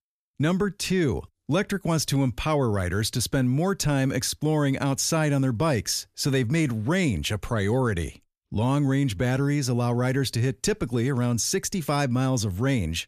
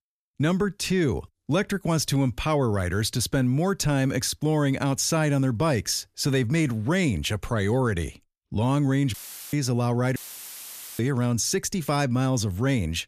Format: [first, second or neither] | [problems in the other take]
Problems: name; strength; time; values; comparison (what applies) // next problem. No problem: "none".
first | audio cutting out; filled with static; at 9 s and at 10 s for 1 s